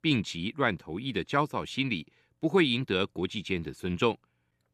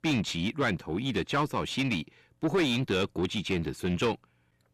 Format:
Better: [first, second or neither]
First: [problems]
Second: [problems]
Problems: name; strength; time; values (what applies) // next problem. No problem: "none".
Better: first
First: none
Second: distortion; heavy; 7 dB below the speech